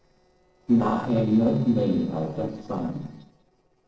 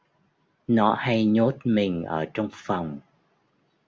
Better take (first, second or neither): second